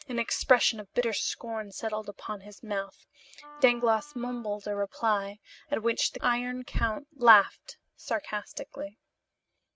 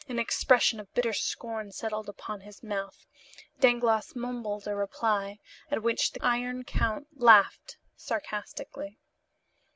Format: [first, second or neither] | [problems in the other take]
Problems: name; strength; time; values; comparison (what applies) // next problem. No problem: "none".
second | noise reduction (neural mask model RNNoise)